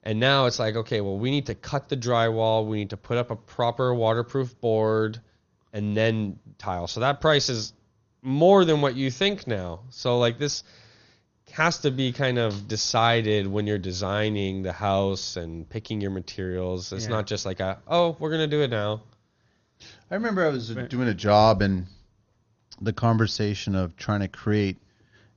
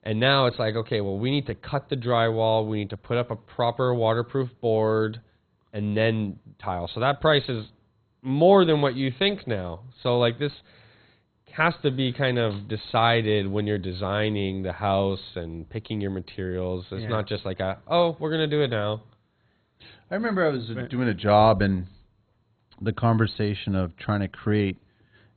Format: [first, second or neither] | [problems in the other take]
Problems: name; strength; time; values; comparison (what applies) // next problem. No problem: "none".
first | garbled, watery; badly; nothing above 4 kHz; slightly in the first